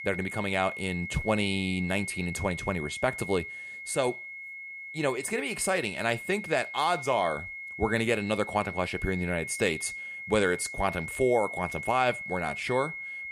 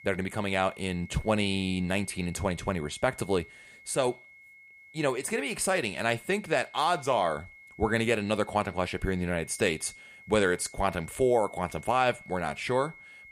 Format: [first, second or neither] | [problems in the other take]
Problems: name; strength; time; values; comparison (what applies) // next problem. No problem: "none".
second | high-pitched whine; loud; throughout; 2 kHz, 8 dB below the speech; faint in the second